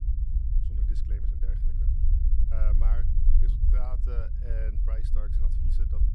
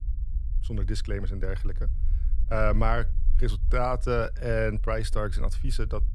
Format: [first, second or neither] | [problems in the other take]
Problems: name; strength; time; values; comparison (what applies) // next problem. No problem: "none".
second | low rumble; loud; throughout; 1 dB below the speech; faint in the second